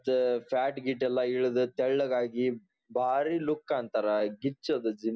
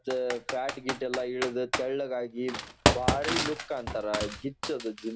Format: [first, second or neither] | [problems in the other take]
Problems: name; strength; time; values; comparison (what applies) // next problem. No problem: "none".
first | background sound (Computer keyboard); as loud as the speech